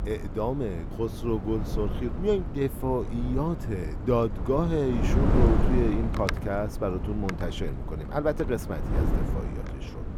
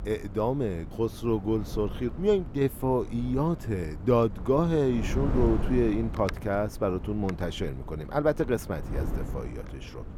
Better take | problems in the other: second | wind noise on the microphone; heavy; 7 dB below the speech; occasional gusts in the second

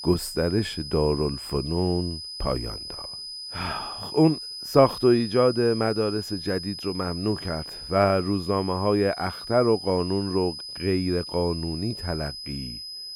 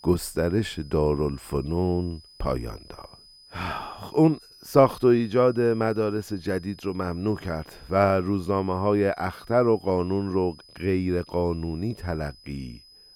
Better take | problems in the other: second | high-pitched whine; loud; throughout; 5 kHz, 9 dB below the speech; faint in the second

